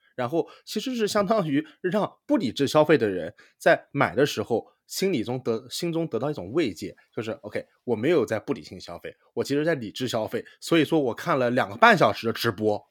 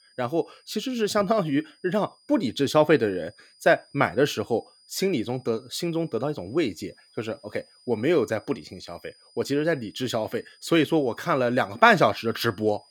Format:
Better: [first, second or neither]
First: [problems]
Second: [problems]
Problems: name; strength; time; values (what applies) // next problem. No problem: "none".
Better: first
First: none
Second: high-pitched whine; faint; throughout; 5 kHz, 30 dB below the speech